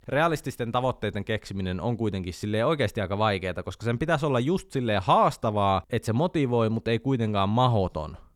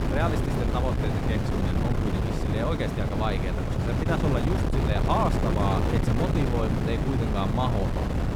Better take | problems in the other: first | wind noise on the microphone; heavy; 1 dB below the speech

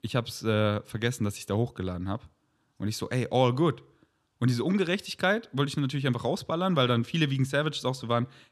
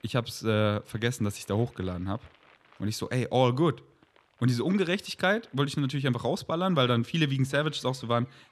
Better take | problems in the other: first | household noises; faint; throughout; 30 dB below the speech

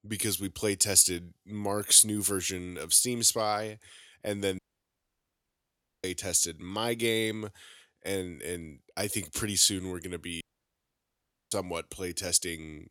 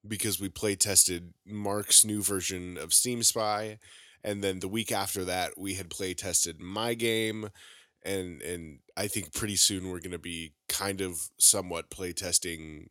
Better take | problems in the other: second | audio cutting out; at 4.5 s for 1.5 s and at 10 s for 1 s

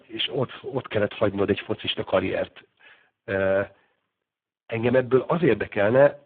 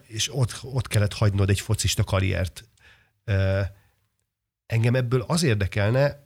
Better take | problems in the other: second | phone-call audio; poor line

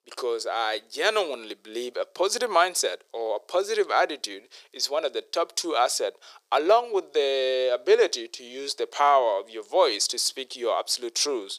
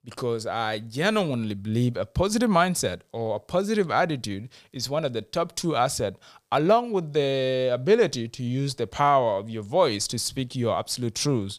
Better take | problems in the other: second | thin; very; fading below 350 Hz

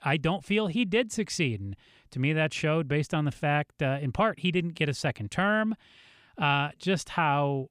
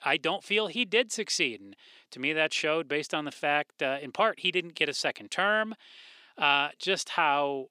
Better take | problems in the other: first | thin; somewhat; fading below 300 Hz

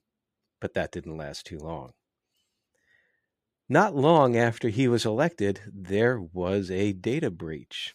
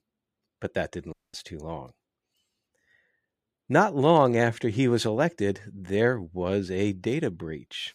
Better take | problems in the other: first | audio cutting out; at 1 s

